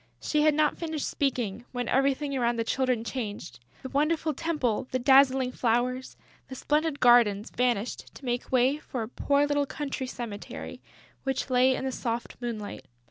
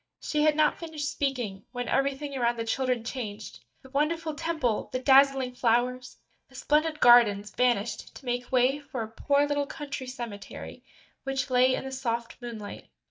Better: first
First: none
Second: noise reduction (neural mask model DeepFilterNet 3)

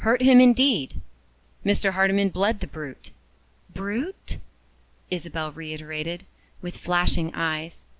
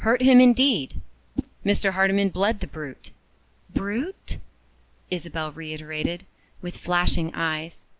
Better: first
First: none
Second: noise reduction (neural mask model Resemble Enhance denoiser)

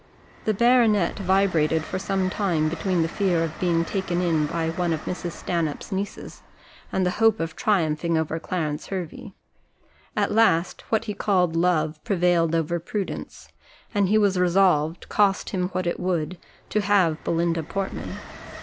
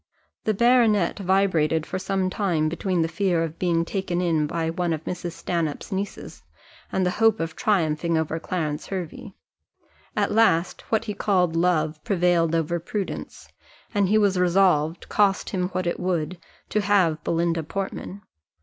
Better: second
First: background sound (Train); 18 dB below the speech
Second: none

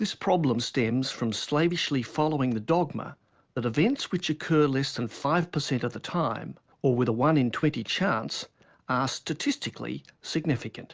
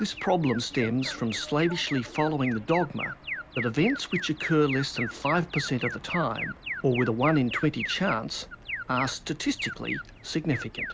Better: first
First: none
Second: background sound (Alarm); 9 dB below the speech

